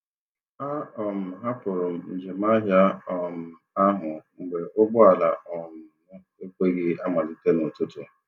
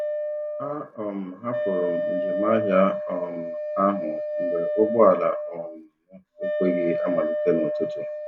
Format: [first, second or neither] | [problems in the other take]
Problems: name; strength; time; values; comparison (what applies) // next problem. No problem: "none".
first | background sound (Wind instrument, woodwind instrument); 2 dB below the speech